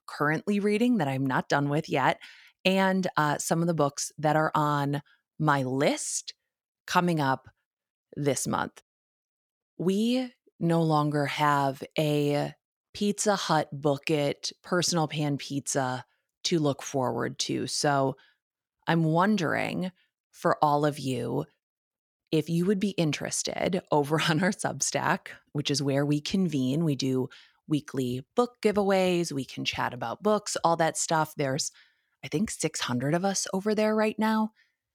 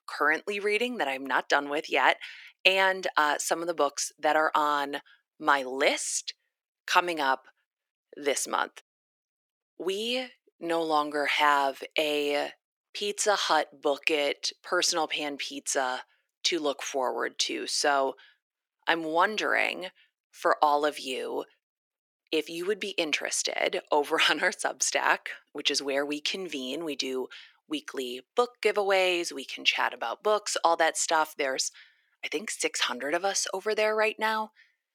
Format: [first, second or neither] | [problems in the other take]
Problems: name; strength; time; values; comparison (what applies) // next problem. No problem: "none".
first | thin; somewhat; fading below 350 Hz